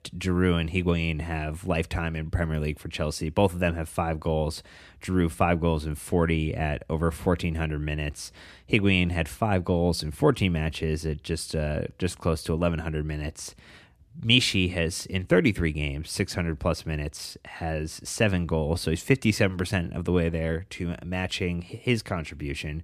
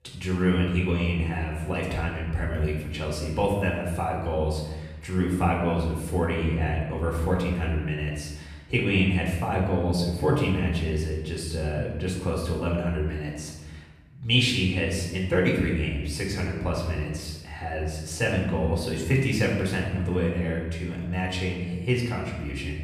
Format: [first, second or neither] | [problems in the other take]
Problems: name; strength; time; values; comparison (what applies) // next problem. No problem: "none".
first | off-mic speech; far // room echo; noticeable; dies away in 1 s